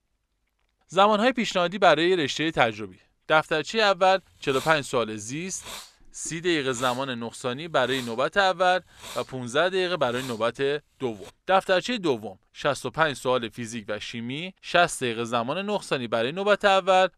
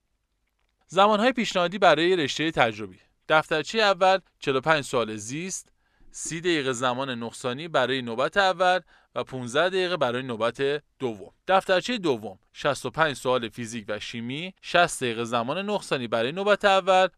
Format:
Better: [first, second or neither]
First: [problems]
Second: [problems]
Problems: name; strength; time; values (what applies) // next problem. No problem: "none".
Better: second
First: hiss; noticeable; from 4 to 11 s; 15 dB below the speech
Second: none